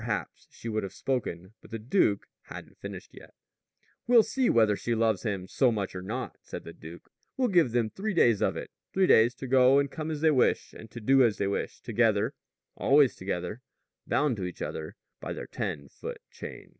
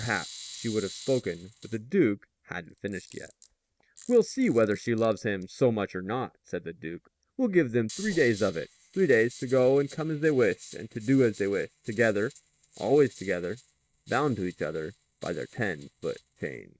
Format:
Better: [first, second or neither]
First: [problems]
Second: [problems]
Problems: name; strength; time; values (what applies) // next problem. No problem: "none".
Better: first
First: none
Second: noise reduction (neural mask model RNNoise)